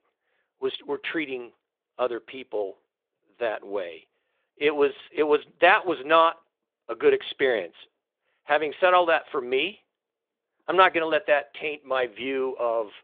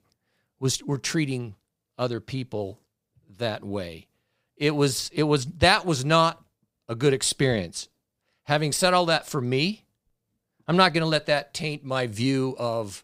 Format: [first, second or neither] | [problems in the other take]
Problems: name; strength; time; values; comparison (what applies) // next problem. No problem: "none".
second | phone-call audio; nothing above 3.5 kHz